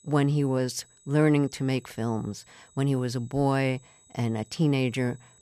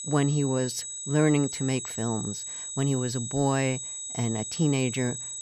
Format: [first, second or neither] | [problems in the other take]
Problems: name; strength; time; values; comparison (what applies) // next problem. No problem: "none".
first | high-pitched whine; loud; throughout; 8 kHz, 6 dB below the speech; faint in the first